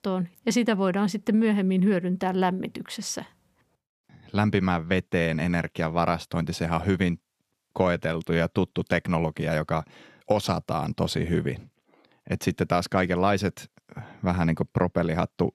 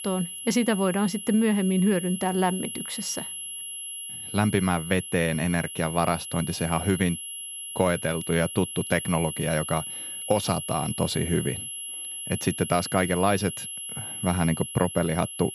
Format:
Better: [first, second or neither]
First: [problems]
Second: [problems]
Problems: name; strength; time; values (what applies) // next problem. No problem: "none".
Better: first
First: none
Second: high-pitched whine; loud; throughout; 11 kHz, 7 dB below the speech